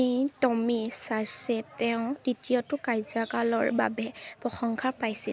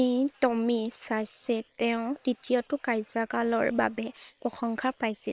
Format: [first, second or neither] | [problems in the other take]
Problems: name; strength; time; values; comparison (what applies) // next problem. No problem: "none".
first | noise reduction (neural separator model SepFormer WHAM!)